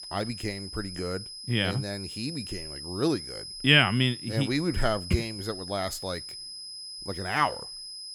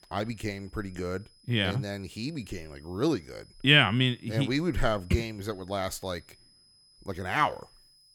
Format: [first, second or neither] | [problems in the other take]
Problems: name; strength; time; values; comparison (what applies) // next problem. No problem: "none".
second | high-pitched whine; loud; throughout; 5 kHz, 10 dB below the speech; faint in the second